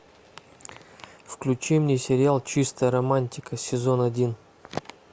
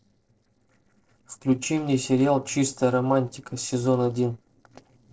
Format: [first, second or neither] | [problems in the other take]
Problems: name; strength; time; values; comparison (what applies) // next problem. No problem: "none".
first | noise reduction (neural separator model SepFormer DNS4)